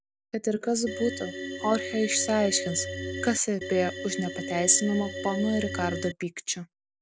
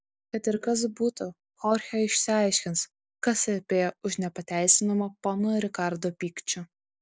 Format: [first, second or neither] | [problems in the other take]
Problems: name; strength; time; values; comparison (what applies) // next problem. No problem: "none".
second | background sound (Organ); 7 dB below the speech